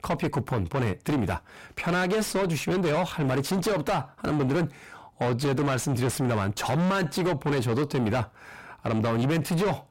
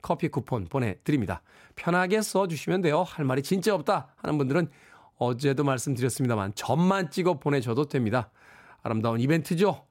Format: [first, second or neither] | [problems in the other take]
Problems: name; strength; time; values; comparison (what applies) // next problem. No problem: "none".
second | distortion; heavy; 5 dB below the speech